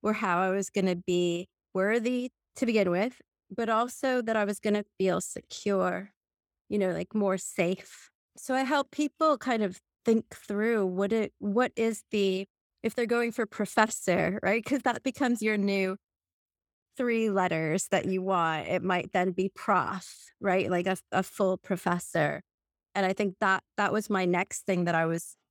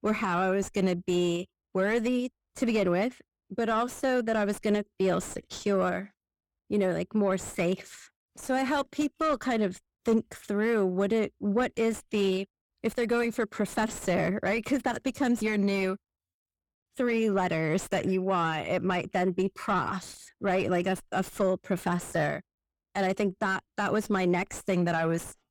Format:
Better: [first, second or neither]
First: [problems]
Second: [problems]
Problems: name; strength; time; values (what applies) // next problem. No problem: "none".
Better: first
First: none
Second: distortion; slight; 10 dB below the speech